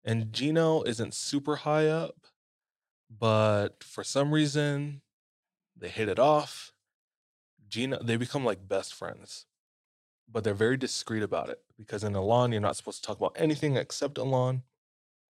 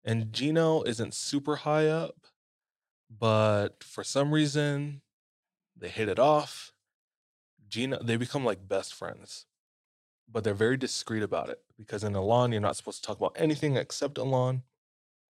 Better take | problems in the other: neither | none

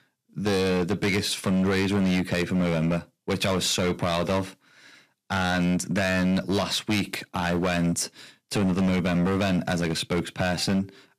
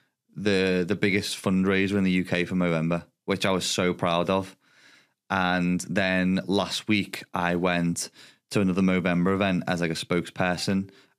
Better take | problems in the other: second | distortion; heavy; 16% of the sound clipped

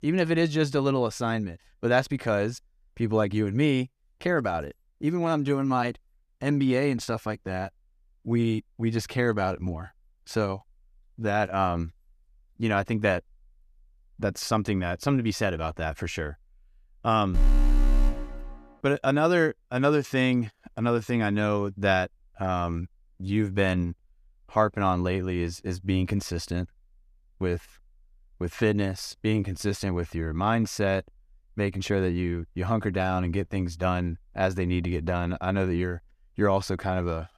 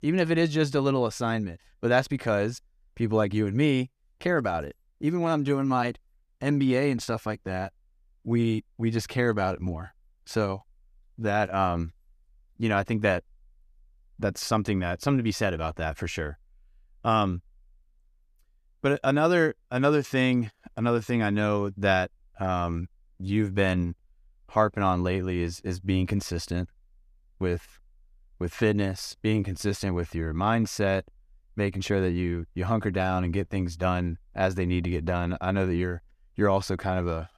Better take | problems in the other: second | alarm; loud; from 17 to 18 s; peak 2 dB above the speech

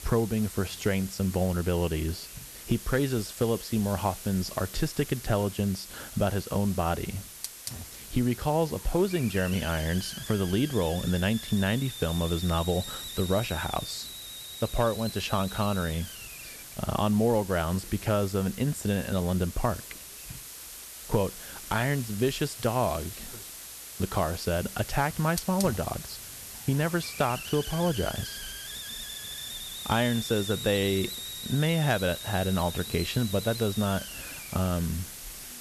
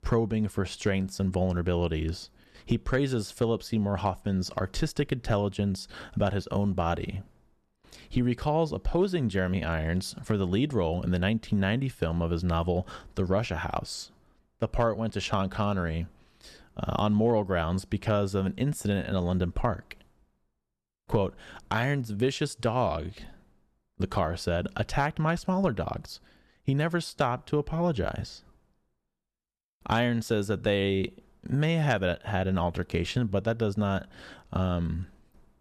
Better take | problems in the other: second | hiss; loud; throughout; 9 dB below the speech

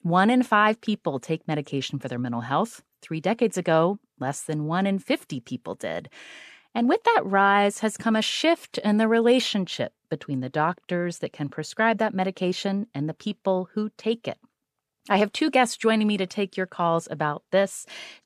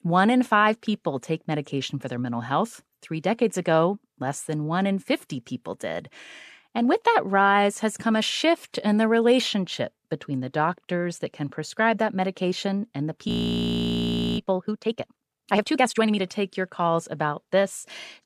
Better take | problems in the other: first | audio freezing; at 13 s for 1 s

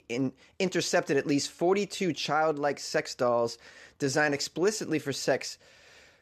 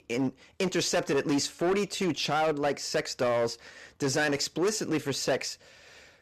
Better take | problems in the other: first | distortion; slight; 11% of the sound clipped

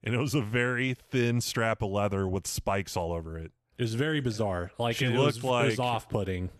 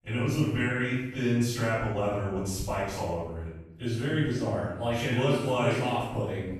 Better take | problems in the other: first | off-mic speech; far // room echo; strong; dies away in 0.8 s

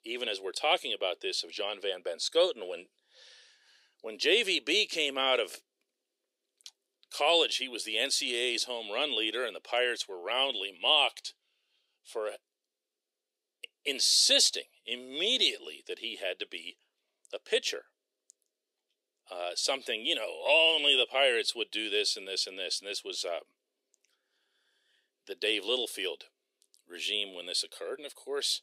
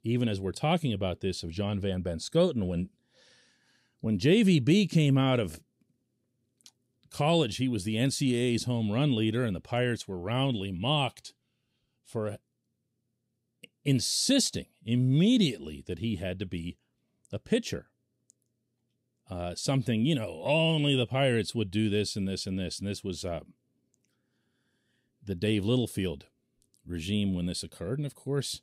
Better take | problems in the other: second | thin; very; fading below 400 Hz

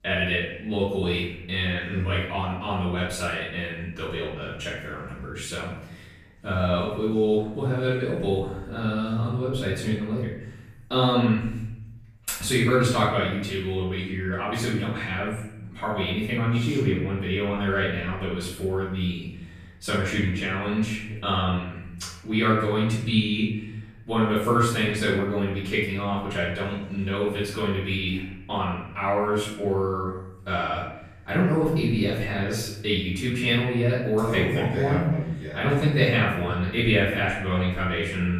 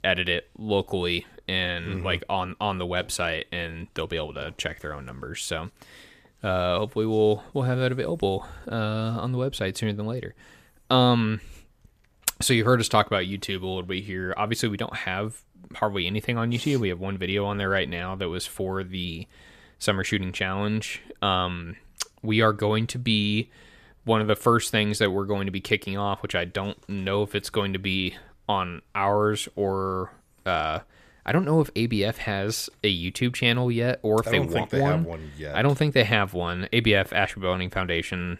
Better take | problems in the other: second | off-mic speech; far // room echo; noticeable; dies away in 0.9 s

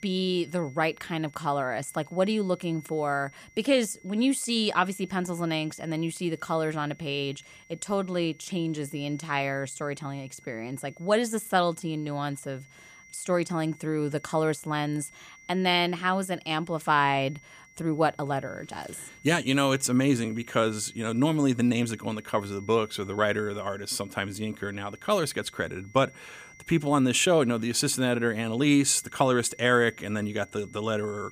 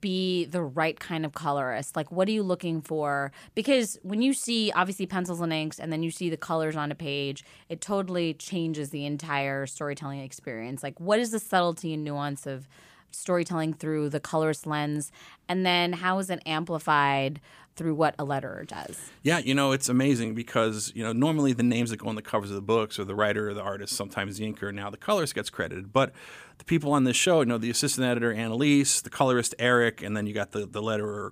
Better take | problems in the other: second | high-pitched whine; faint; throughout; 2 kHz, 25 dB below the speech

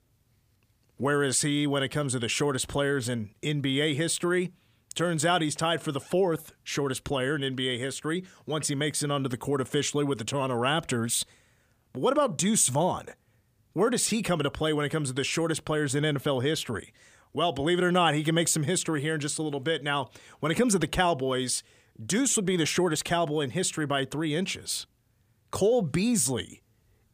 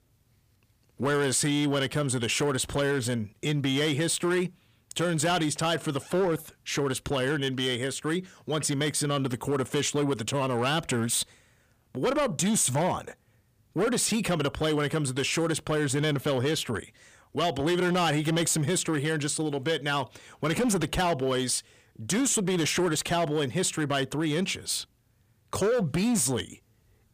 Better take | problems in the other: first | distortion; slight; 10% of the sound clipped

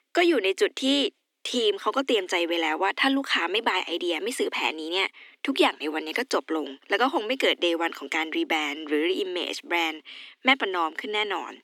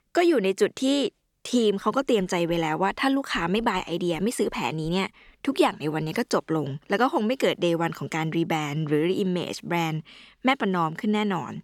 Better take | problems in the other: second | thin; very slightly; fading below 250 Hz

